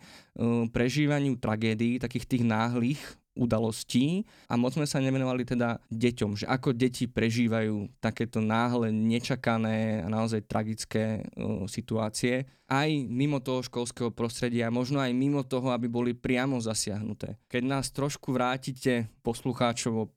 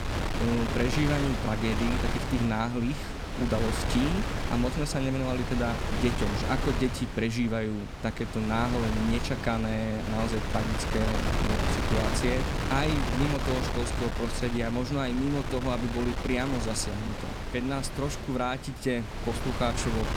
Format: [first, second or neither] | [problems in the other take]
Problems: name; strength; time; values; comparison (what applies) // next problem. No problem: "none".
first | wind noise on the microphone; heavy; 2 dB below the speech